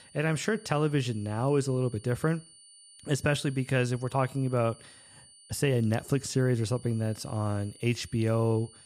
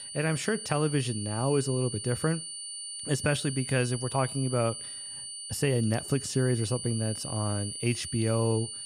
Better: first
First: high-pitched whine; faint; throughout; 9.5 kHz, 20 dB below the speech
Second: high-pitched whine; loud; throughout; 9.5 kHz, 7 dB below the speech

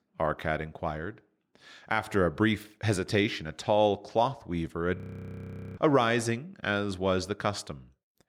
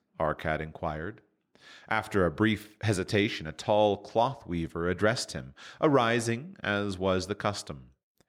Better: second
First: audio freezing; at 5 s for 1 s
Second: none

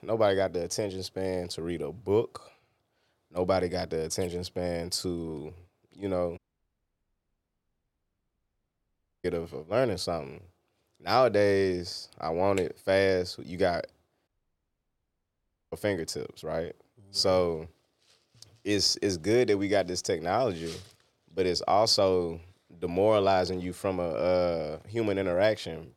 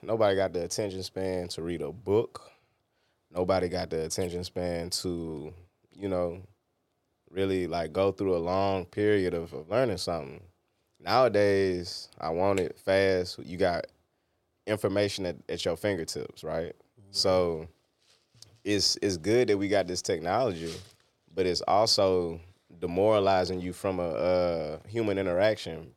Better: second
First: audio cutting out; at 6.5 s for 3 s and at 14 s for 1.5 s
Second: none

